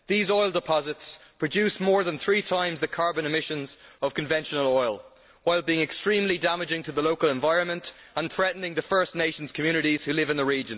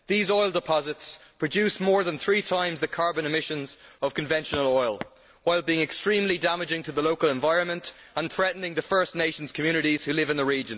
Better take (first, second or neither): first